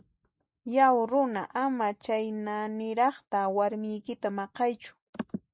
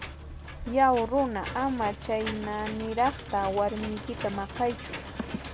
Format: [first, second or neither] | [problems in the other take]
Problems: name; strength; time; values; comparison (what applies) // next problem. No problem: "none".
first | background sound (Engine / Mechanisms); 10 dB below the speech